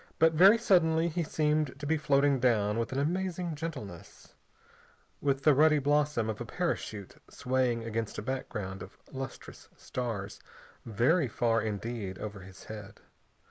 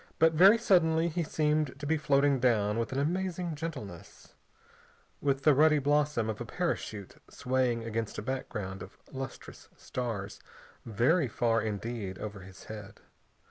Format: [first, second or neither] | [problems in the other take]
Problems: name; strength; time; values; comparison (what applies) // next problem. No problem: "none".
second | noise reduction (neural mask model Resemble Enhance denoiser)